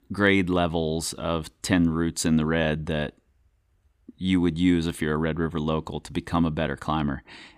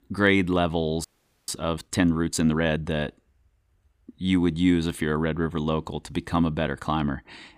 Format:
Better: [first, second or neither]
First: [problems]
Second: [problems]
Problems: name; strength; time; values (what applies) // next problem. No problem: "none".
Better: first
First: none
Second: audio freezing; at 1 s